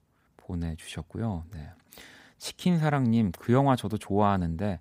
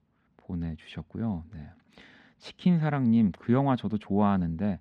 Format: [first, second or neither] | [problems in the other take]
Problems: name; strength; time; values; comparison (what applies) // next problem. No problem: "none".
first | muffled; very slightly; fading above 3 kHz